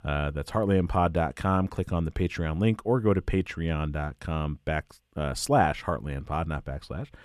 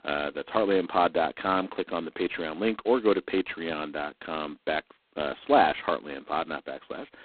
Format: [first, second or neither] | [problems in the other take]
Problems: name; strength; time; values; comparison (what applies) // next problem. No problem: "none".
first | phone-call audio; poor line; nothing above 4 kHz